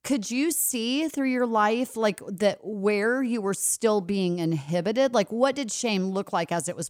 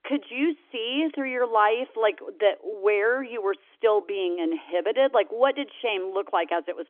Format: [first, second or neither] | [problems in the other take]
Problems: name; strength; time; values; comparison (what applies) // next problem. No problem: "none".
first | phone-call audio; nothing above 3.5 kHz